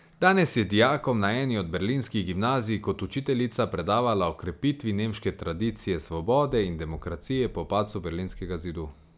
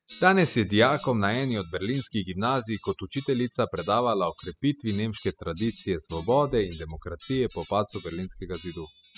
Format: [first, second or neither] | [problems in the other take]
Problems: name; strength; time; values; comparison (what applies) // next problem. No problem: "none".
first | noise reduction (classical method spectral subtraction)